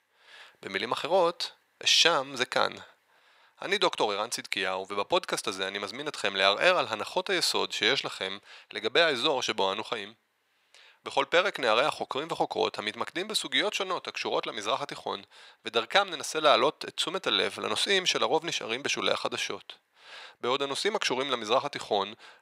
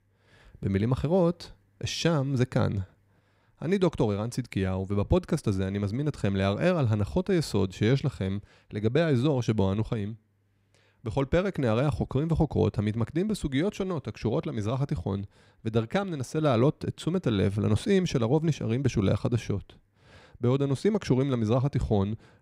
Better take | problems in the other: second | thin; very; fading below 850 Hz

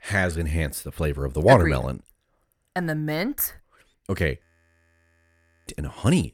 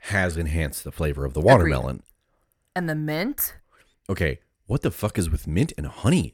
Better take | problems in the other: second | audio freezing; at 4.5 s for 1 s

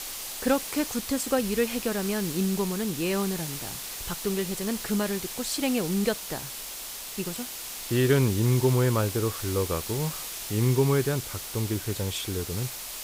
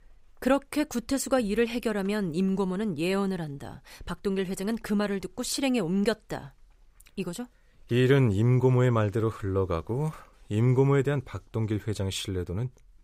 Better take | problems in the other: second | hiss; loud; throughout; 6 dB below the speech

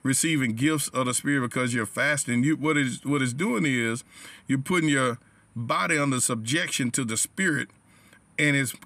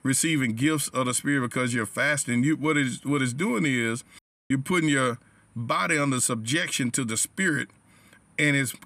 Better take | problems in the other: first | audio cutting out; at 4 s

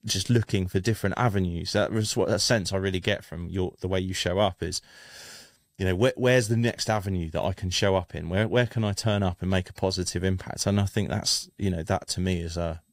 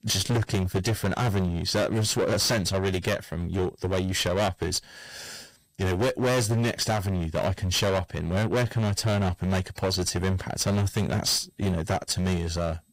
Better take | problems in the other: first | distortion; heavy; 18% of the sound clipped

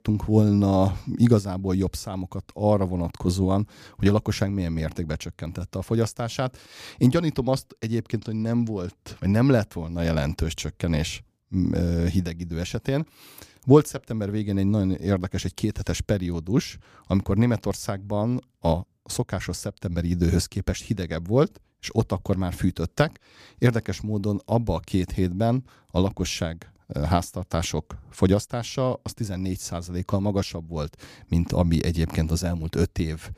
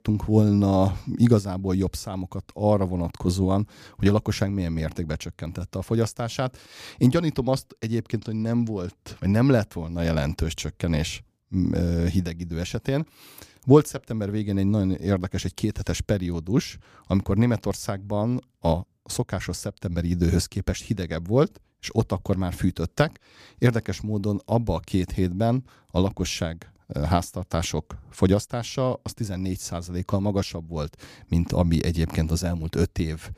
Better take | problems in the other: neither | none

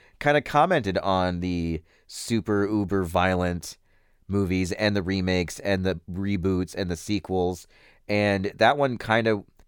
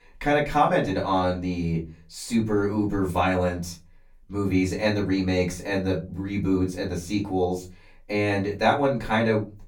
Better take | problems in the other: first | off-mic speech; far // room echo; very slight; dies away in 0.3 s

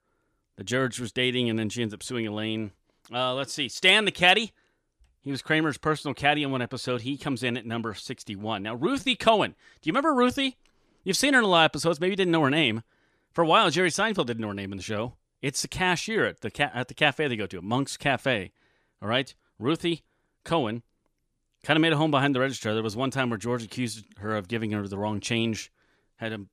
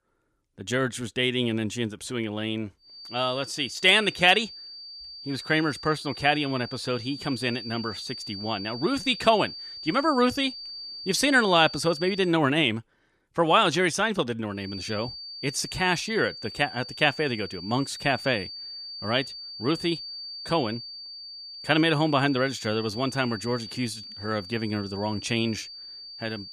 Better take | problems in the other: first | high-pitched whine; noticeable; from 3 to 12 s and from 15 s on; 4.5 kHz, 10 dB below the speech

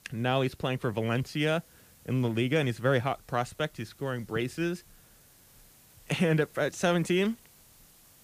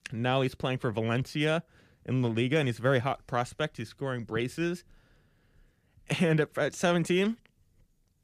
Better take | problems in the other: second | hiss; faint; throughout; 25 dB below the speech

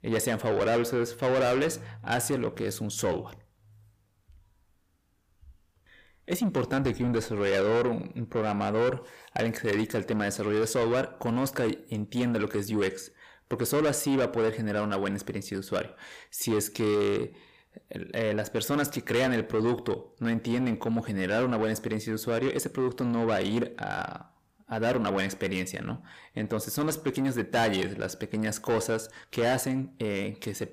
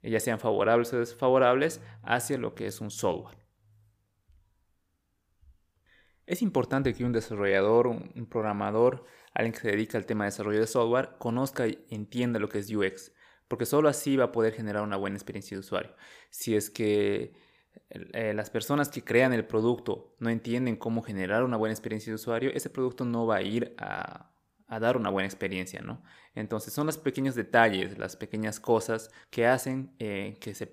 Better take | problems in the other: second | distortion; heavy; 8 dB below the speech

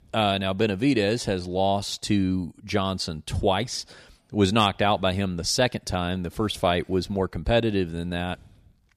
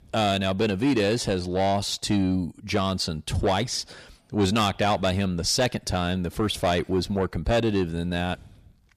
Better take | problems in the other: first | distortion; slight; 10 dB below the speech

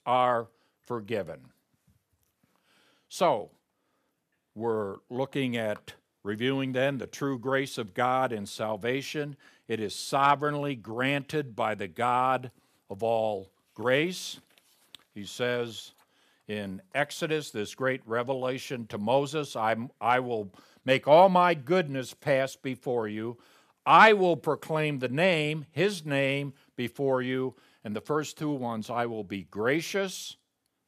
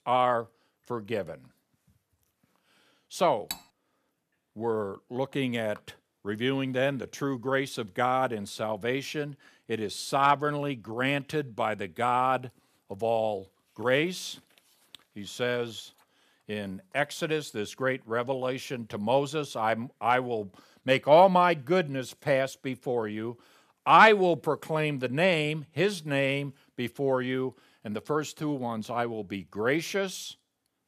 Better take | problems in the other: first | clattering dishes; faint; at 3.5 s; peak 10 dB below the speech

